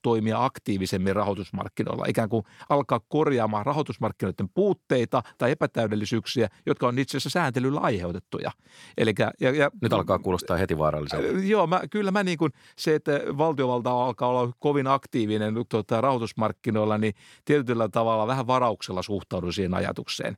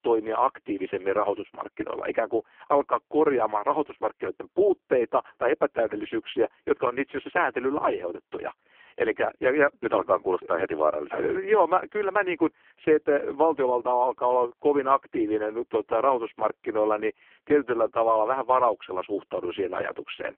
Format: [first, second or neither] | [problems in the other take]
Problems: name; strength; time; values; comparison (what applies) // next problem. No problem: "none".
first | phone-call audio; poor line